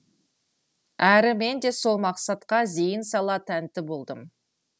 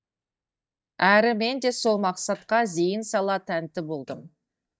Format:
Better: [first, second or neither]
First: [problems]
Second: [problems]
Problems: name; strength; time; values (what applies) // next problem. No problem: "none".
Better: first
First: none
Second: noise reduction (neural mask model DeepFilterNet 3)